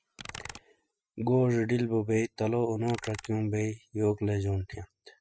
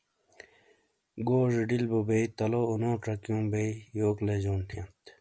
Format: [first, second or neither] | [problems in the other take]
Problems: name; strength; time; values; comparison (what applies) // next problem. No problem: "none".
second | noise reduction (classical method spectral subtraction)